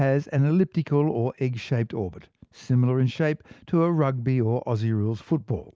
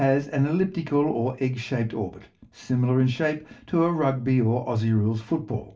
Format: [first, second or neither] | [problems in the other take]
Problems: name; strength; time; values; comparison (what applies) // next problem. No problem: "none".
first | room echo; dies away in 0.2 s